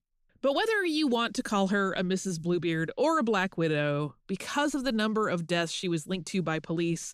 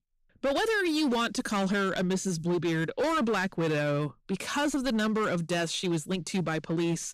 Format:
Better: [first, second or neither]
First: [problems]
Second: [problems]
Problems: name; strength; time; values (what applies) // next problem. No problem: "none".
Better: first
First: none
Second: distortion; slight; 17% of the sound clipped